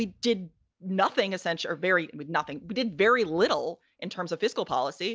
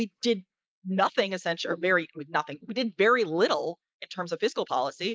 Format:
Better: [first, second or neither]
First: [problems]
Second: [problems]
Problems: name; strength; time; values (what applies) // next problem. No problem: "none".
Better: first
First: none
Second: noise reduction (neural mask model Resemble Enhance denoiser)